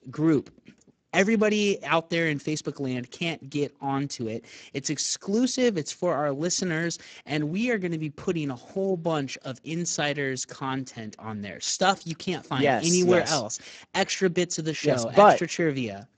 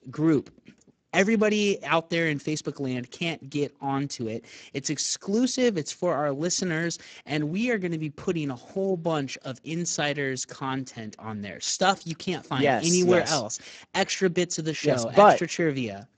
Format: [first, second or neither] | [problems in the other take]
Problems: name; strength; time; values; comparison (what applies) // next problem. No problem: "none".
neither | garbled, watery; badly; nothing above 7.5 kHz; the same in both